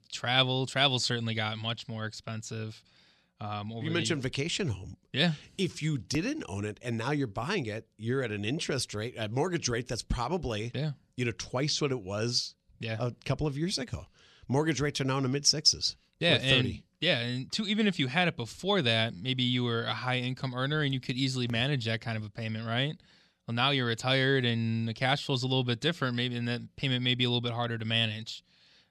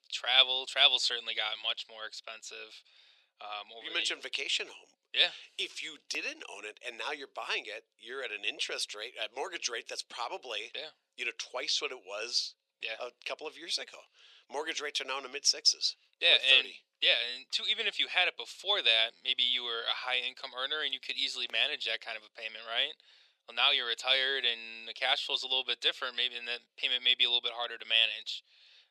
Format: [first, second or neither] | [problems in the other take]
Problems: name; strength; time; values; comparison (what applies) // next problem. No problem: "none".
first | thin; very; fading below 450 Hz